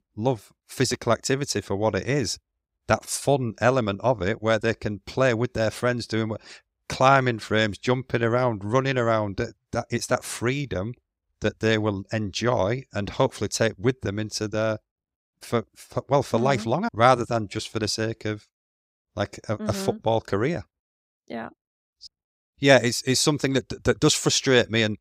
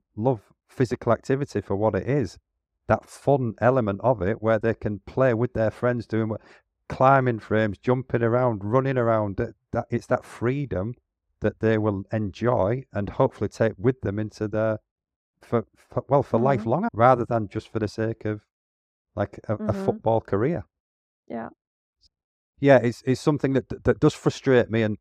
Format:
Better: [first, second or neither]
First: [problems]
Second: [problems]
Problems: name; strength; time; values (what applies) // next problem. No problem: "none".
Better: first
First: none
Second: muffled; very; fading above 2.5 kHz